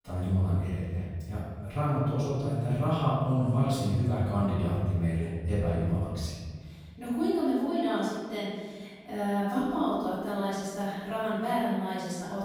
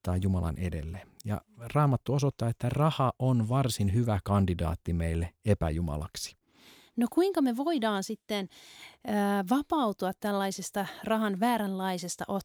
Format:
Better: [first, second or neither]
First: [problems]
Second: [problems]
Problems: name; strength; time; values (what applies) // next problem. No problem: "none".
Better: second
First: off-mic speech; far // room echo; strong; dies away in 1.9 s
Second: none